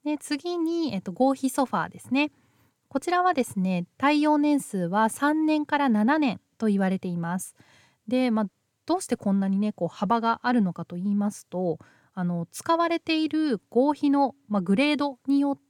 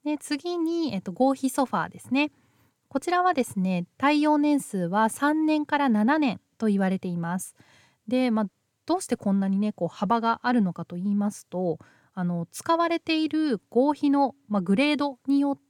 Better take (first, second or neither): neither